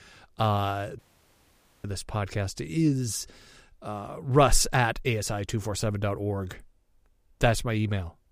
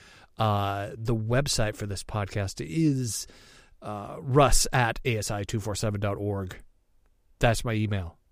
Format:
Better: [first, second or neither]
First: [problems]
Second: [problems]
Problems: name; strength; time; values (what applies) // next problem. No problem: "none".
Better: second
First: audio cutting out; at 1 s for 1 s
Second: none